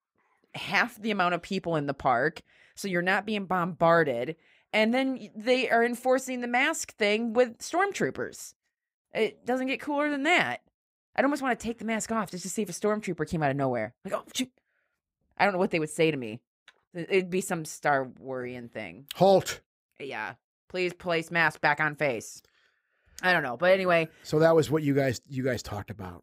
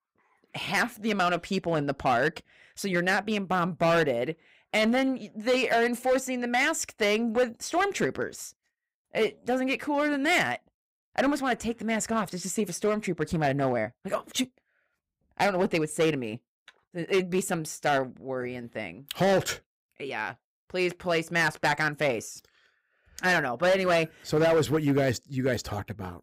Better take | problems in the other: first | distortion; slight; 5% of the sound clipped

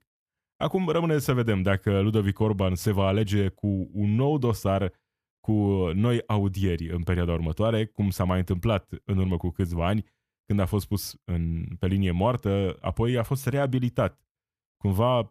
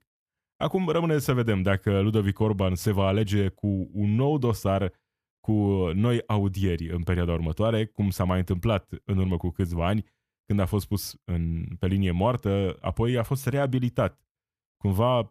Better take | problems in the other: neither | none

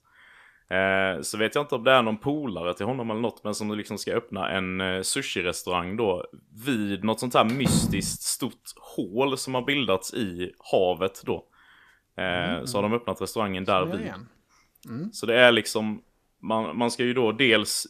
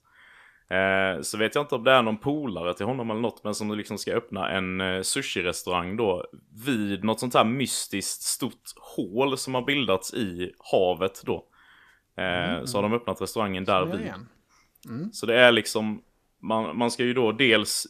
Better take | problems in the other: second | door banging; loud; at 7.5 s; peak 1 dB above the speech

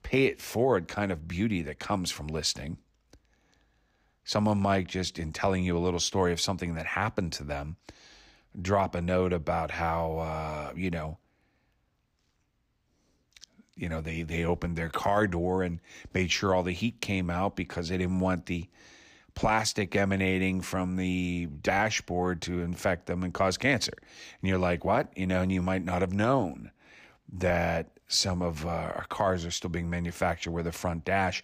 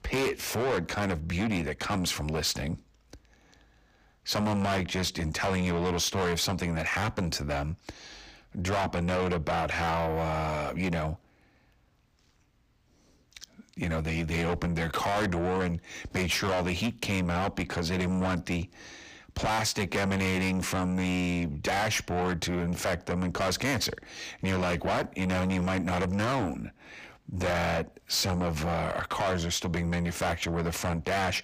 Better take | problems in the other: first | distortion; heavy; 6 dB below the speech

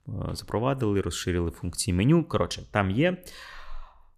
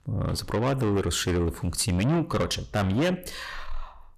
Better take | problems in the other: first | distortion; heavy; 6 dB below the speech

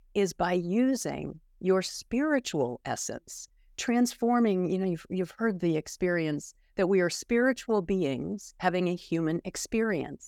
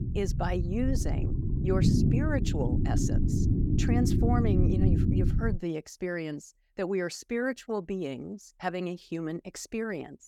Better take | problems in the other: first | low rumble; loud; until 5.5 s; 2 dB below the speech

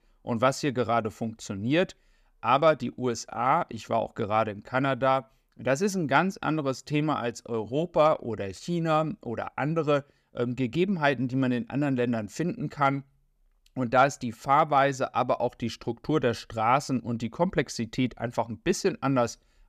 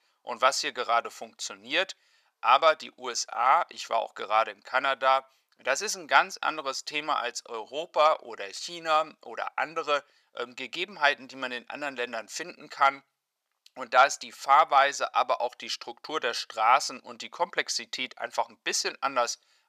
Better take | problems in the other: first | thin; very; fading below 900 Hz

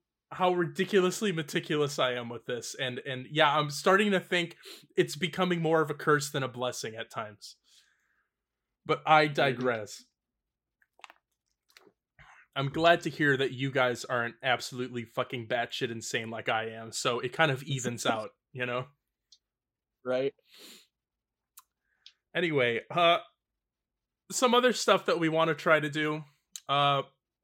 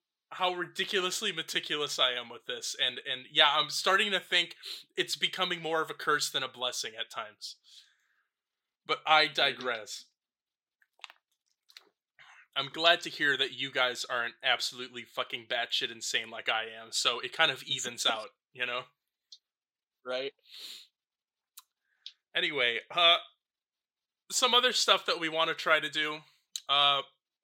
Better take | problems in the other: first | thin; somewhat; fading below 1 kHz

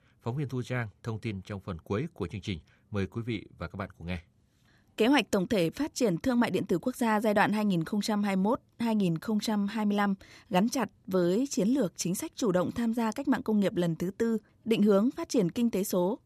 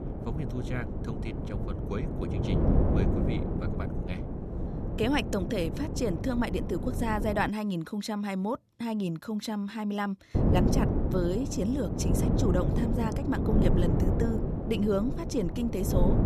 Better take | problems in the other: first | wind noise on the microphone; heavy; until 7.5 s and from 10 s on; 3 dB below the speech

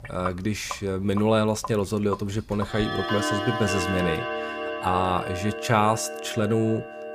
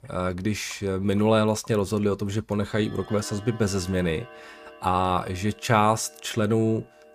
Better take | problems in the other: second | household noises; loud; throughout; 6 dB below the speech; faint in the second

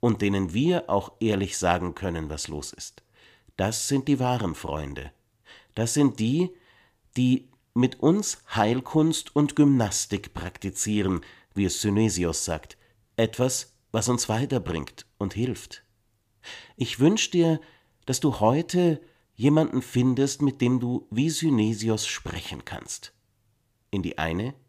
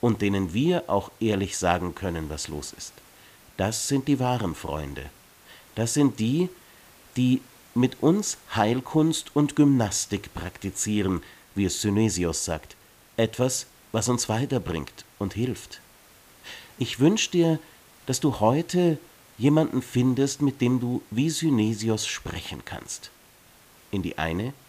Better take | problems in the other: first | hiss; faint; throughout; 25 dB below the speech

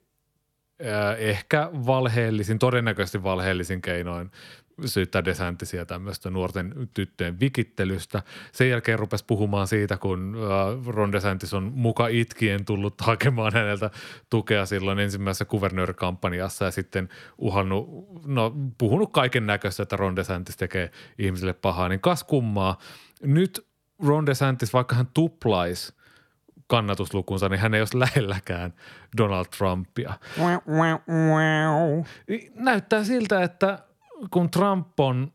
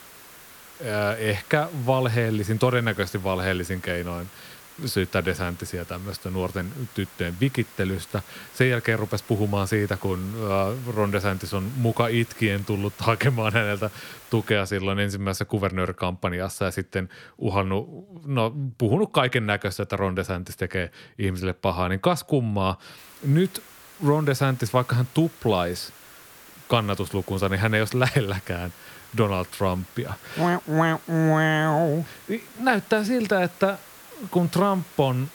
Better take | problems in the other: first | hiss; noticeable; until 15 s and from 23 s on; 20 dB below the speech

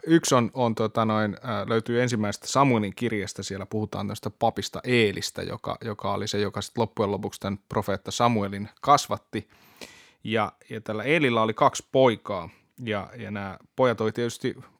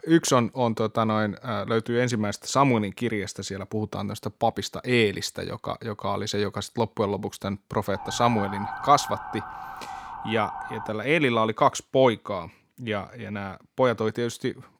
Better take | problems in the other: first | siren; noticeable; from 8 to 11 s; peak 7 dB below the speech

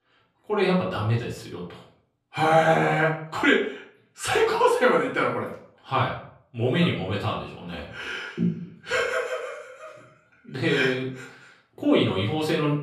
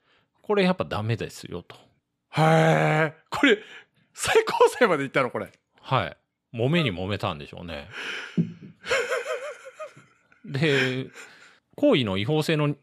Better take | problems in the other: second | off-mic speech; far // room echo; slight; dies away in 0.4 s

